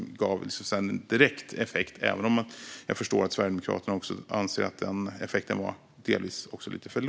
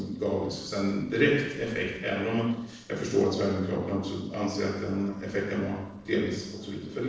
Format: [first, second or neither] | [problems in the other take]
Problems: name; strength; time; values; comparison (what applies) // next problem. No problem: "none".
first | noise reduction (neural separator model SepFormer DNS4)